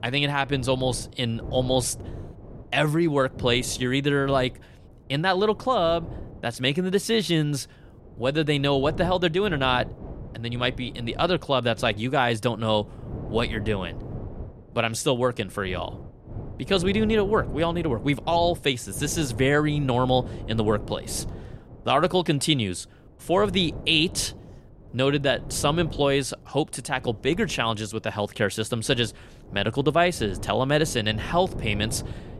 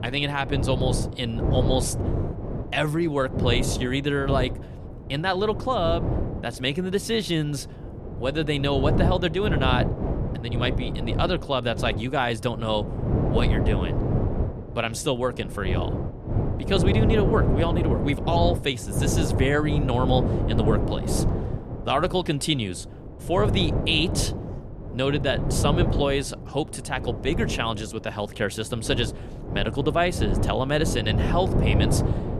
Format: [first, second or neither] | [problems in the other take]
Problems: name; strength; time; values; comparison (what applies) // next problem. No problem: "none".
first | wind noise on the microphone; heavy; 7 dB below the speech; occasional gusts in the first